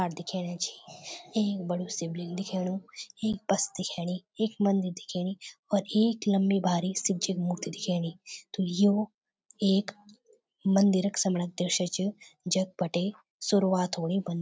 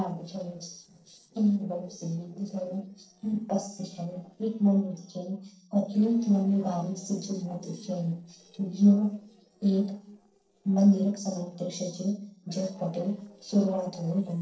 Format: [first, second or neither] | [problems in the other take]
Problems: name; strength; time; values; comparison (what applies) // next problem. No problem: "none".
first | noise reduction (neural separator model SepFormer DNS4)